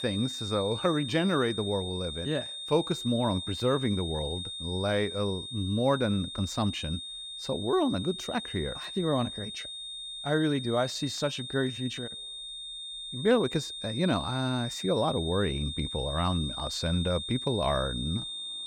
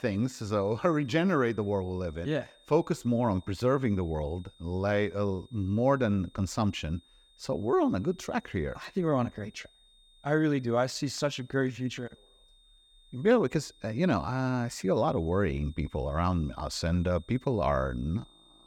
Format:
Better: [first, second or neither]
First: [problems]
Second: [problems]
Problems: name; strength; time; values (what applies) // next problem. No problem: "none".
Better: second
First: high-pitched whine; loud; throughout; 3.5 kHz, 6 dB below the speech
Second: high-pitched whine; faint; throughout; 3.5 kHz, 30 dB below the speech